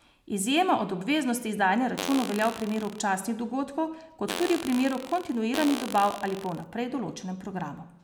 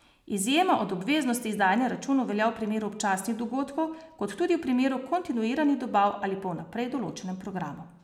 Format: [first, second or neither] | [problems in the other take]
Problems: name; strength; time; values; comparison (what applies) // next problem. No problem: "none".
second | background sound (Fart); 10 dB below the speech